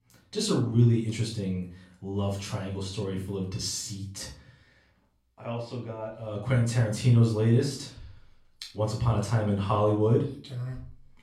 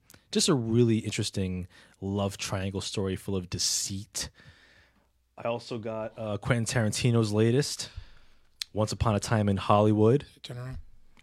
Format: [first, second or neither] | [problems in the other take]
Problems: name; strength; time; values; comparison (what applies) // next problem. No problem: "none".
second | off-mic speech; far // room echo; slight; dies away in 0.4 s